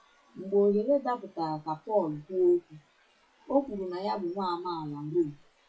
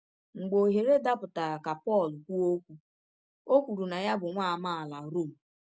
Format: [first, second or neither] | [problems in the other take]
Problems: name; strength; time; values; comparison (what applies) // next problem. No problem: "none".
second | noise reduction (classical method WPE with log-MMSE)